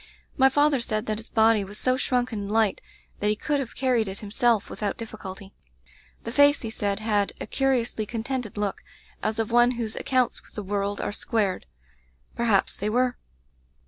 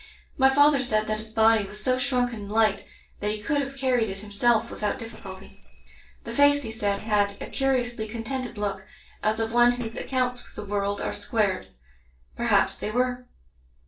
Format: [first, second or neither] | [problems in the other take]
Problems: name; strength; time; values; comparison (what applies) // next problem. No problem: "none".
first | noise reduction (neural separator model SepFormer DNS4)